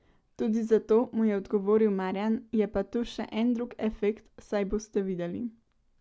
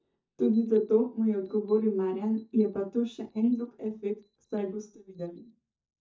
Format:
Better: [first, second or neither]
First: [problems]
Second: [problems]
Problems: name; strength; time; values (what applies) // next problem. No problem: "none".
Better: first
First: none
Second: noise reduction (neural mask model DeepFilterNet 3)